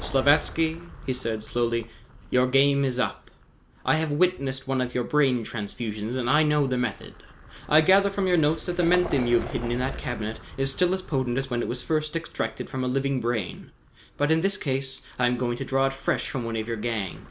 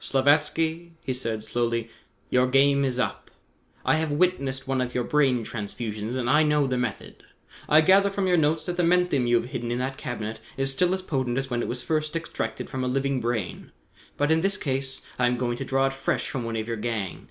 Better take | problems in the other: second | background sound (Vehicle); 16 dB below the speech

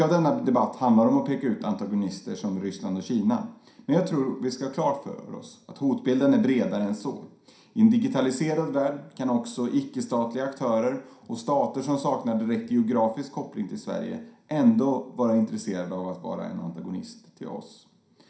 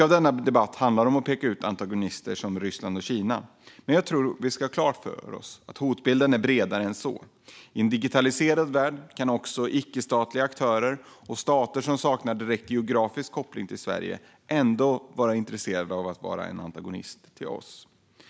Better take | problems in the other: second | room echo; dies away in 0.5 s

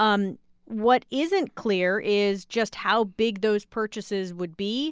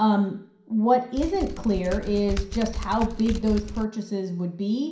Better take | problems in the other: first | background sound (Typing); 7 dB below the speech // room echo; dies away in 0.5 s

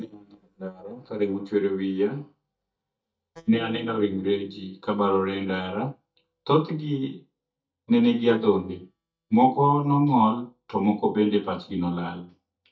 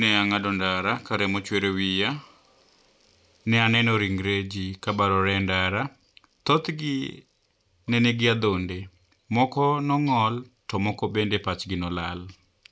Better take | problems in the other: second | noise reduction (neural mask model DeepFilterNet 3)

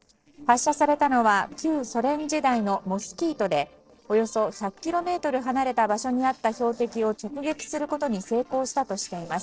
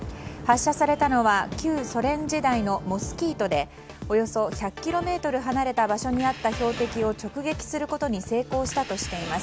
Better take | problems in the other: second | noise reduction (neural separator model SepFormer DNS4)

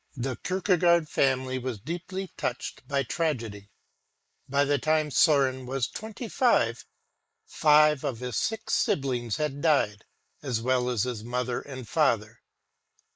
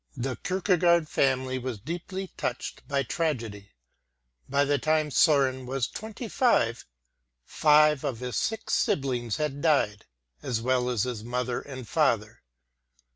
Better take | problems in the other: second | noise reduction (neural mask model Resemble Enhance denoiser)

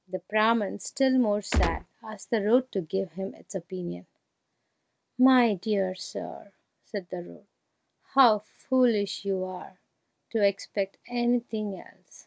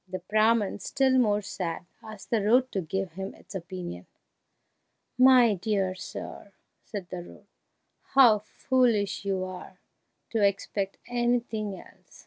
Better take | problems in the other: second | background sound (Gunshot, gunfire); 3 dB above the speech

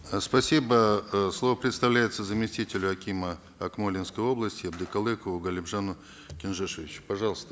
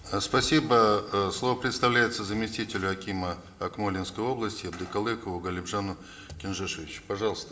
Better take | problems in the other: first | room echo; dies away in 1.8 s

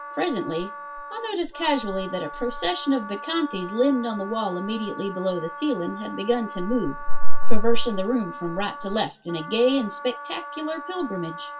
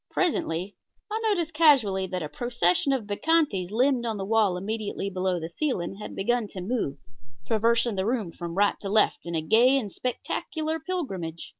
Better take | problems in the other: second | background sound (Wind instrument, woodwind instrument); 18 dB below the speech // room echo; dies away in 0.2 s

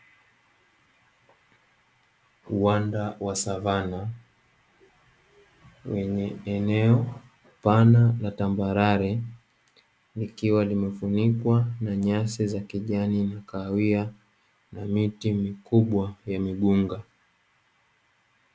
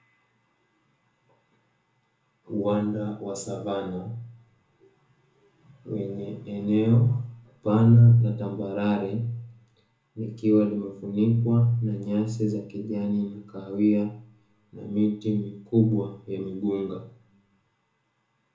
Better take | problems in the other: first | room echo; dies away in 0.6 s

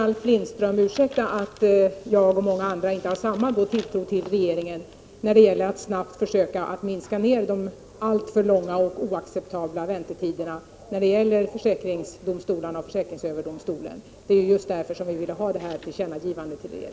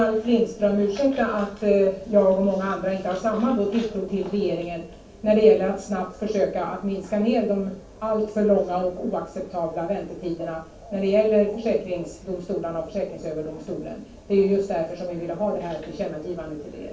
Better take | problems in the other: first | room echo; dies away in 0.3 s

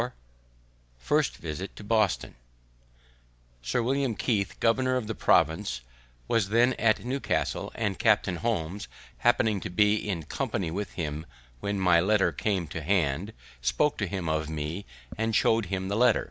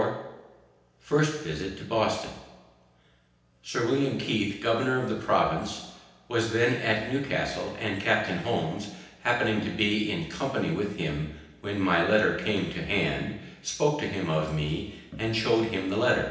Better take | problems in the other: first | room echo; dies away in 0.9 s

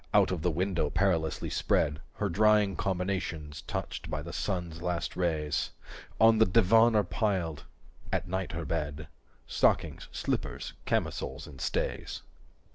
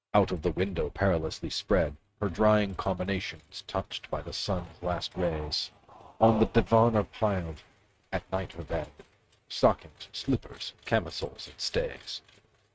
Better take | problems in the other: first | noise reduction (neural mask model RNNoise)

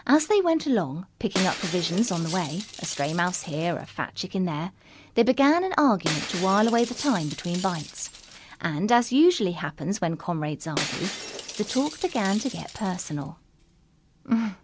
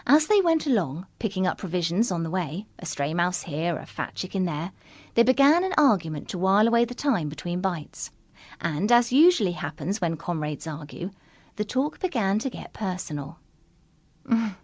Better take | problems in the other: second | background sound (Shatter); 13 dB below the speech

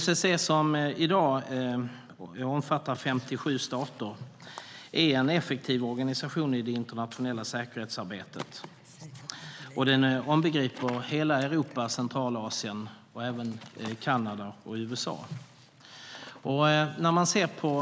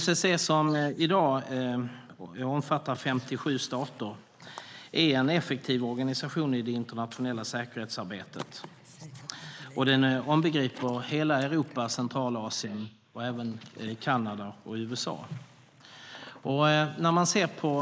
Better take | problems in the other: first | noise reduction (neural mask model Resemble Enhance denoiser)

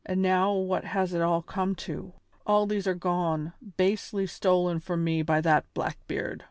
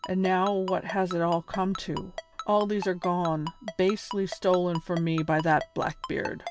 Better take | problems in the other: first | background sound (Ringtone); 13 dB below the speech

